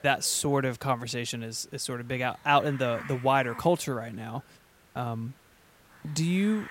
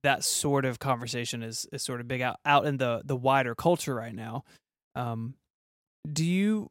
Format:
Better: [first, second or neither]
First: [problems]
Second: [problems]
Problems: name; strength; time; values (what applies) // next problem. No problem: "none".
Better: second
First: hiss; faint; throughout; 20 dB below the speech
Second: none